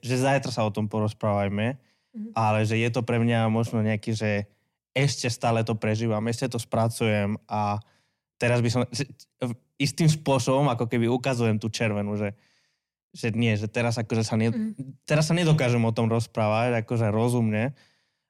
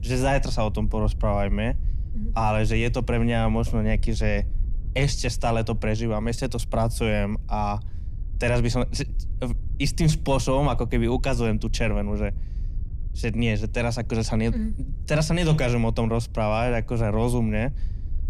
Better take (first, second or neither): first